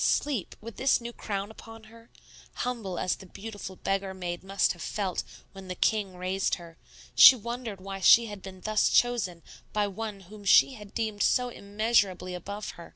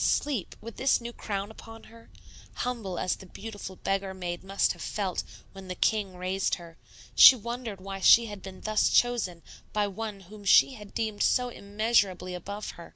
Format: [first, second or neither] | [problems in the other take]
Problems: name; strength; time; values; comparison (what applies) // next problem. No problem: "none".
first | background sound (Camera); 20 dB below the speech